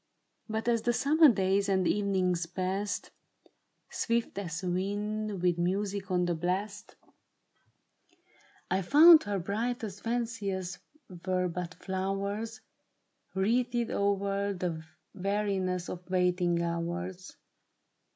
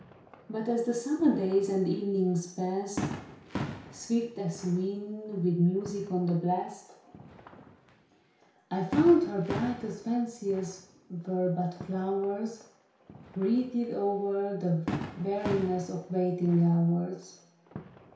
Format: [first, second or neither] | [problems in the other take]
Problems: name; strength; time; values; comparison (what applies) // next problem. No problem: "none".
first | background sound (Fireworks); 13 dB below the speech // room echo; dies away in 0.6 s